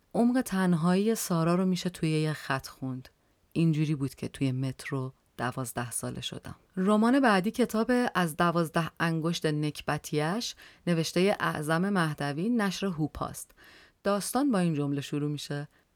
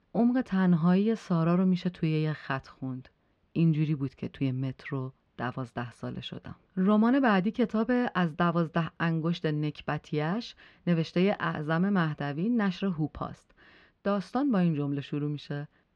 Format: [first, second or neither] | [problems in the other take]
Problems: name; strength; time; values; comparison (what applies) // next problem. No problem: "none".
first | muffled; slightly; fading above 3.5 kHz